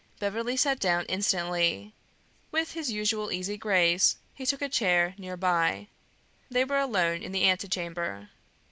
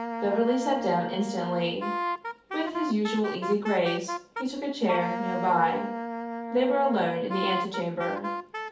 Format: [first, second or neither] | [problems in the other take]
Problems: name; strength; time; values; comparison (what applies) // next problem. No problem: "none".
first | background sound (Wind instrument, woodwind instrument); 5 dB below the speech // room echo; dies away in 0.5 s